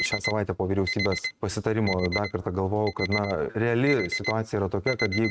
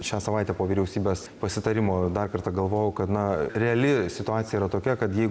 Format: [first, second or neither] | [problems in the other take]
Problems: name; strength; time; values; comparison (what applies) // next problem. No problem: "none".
second | noise reduction (neural mask model RNNoise)